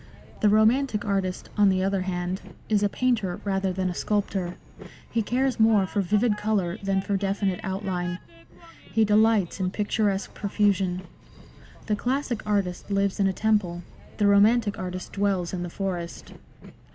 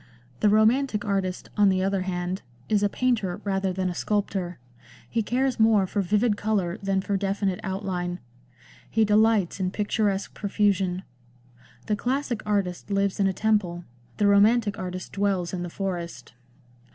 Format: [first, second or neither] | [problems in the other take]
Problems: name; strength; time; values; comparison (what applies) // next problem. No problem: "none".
second | background sound (Train); 20 dB below the speech